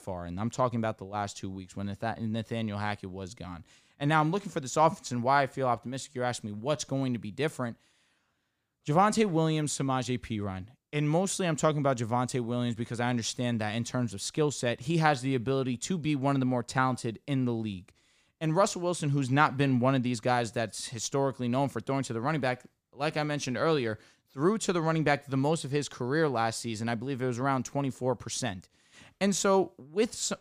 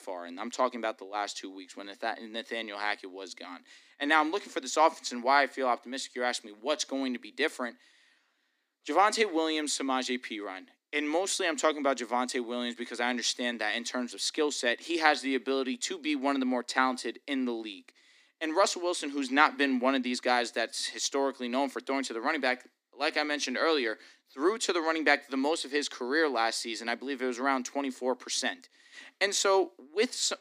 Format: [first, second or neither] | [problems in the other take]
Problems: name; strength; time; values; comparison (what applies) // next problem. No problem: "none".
first | thin; very slightly; fading below 250 Hz